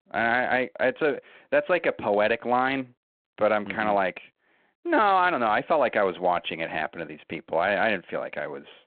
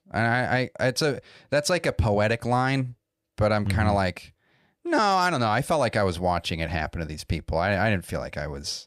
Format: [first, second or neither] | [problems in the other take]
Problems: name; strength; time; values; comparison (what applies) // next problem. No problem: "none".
second | phone-call audio; nothing above 4 kHz